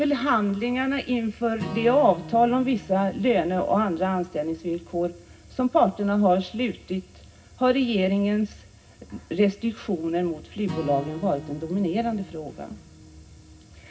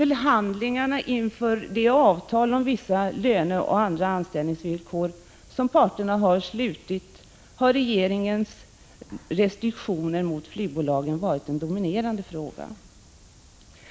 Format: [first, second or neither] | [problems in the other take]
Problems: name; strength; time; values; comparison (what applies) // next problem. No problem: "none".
second | background sound (Acoustic guitar / Strum); 18 dB below the speech // room echo; dies away in 0.4 s